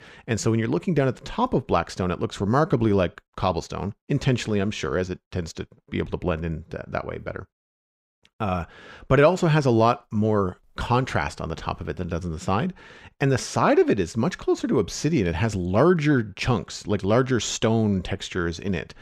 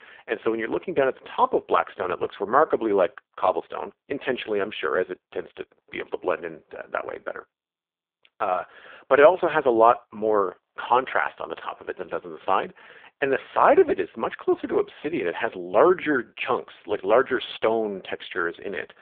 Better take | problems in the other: first | phone-call audio; poor line

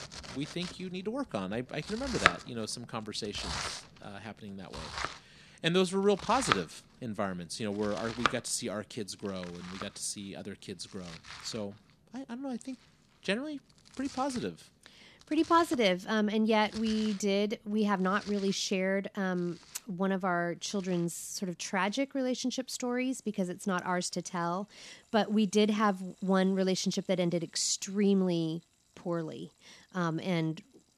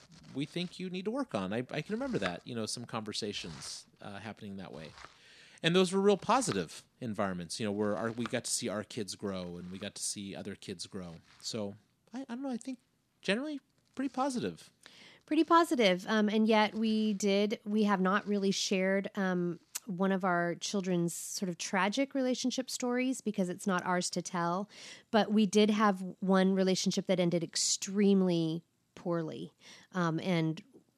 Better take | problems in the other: second | household noises; loud; throughout; 5 dB below the speech; faint in the second

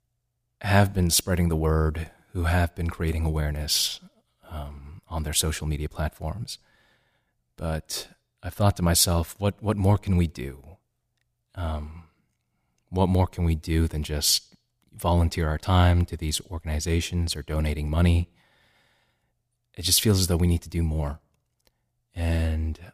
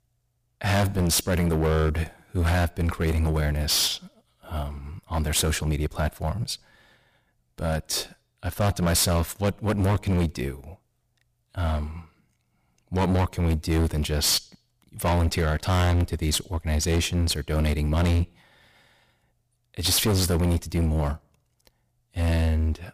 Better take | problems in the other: first | distortion; heavy; 17% of the sound clipped

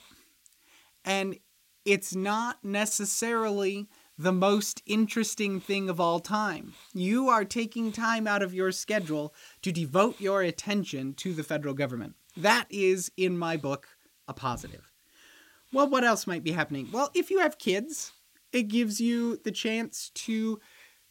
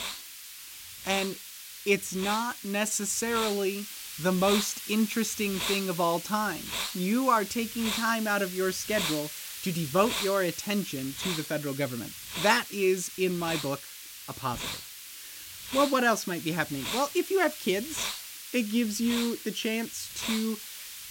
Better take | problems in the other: first | hiss; loud; throughout; 7 dB below the speech; faint in the first

